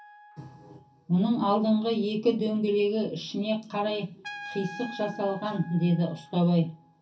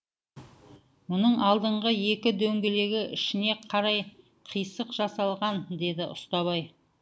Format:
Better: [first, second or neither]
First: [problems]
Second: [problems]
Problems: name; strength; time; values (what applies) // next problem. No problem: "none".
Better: second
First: background sound (Trumpet); 19 dB below the speech // room echo; dies away in 0.3 s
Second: none